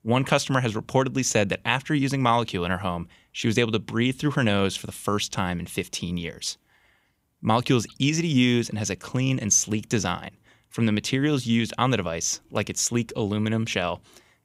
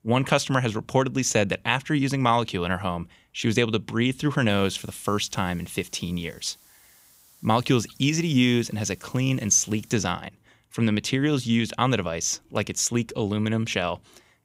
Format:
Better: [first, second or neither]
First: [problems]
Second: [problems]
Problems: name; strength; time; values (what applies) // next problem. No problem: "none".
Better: first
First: none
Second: hiss; faint; from 4.5 to 10 s; 30 dB below the speech